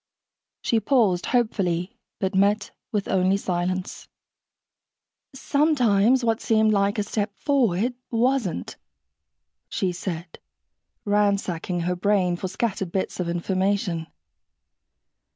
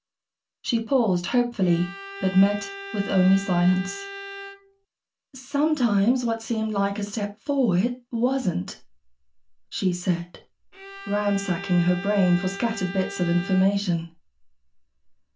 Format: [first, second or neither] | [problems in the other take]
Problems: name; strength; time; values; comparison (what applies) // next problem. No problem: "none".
first | background sound (Bowed string instrument); 13 dB below the speech // room echo; dies away in 0.2 s